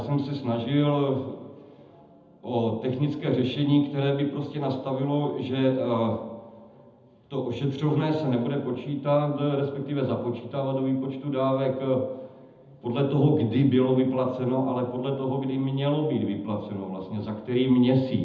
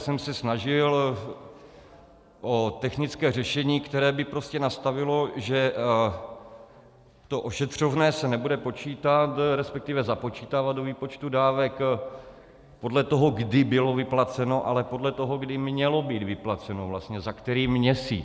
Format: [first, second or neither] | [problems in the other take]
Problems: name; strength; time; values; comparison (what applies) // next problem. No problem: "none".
second | room echo; dies away in 0.8 s